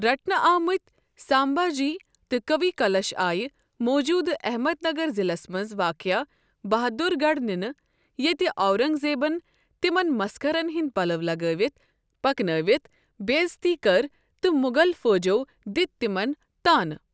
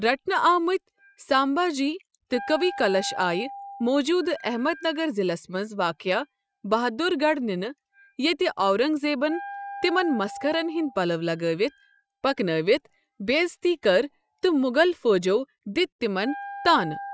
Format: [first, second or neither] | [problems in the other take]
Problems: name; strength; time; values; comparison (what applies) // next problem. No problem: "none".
first | noise reduction (classical method Wiener filter)